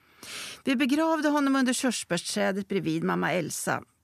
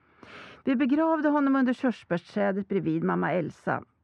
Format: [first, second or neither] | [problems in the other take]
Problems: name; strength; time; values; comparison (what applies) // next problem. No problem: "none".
first | muffled; very; fading above 1.5 kHz